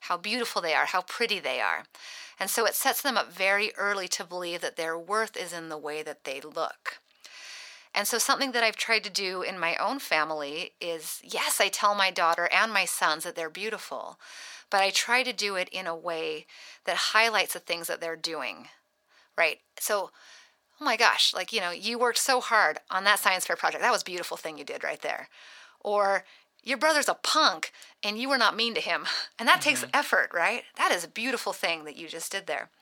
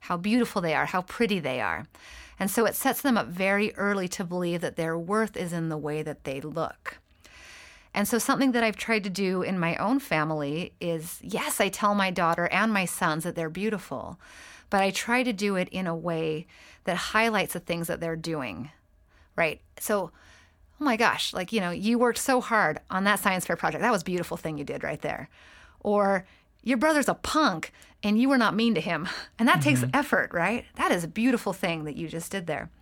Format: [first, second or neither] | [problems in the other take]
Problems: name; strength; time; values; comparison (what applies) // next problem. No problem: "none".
second | thin; somewhat; fading below 550 Hz